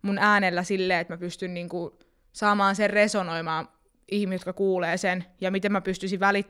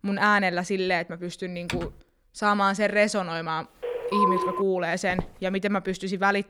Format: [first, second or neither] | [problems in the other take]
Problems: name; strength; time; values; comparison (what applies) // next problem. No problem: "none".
first | keyboard typing; noticeable; at 1.5 s; peak 8 dB below the speech // phone ringing; loud; at 4 s; peak 3 dB above the speech // footsteps; faint; at 5 s; peak 10 dB below the speech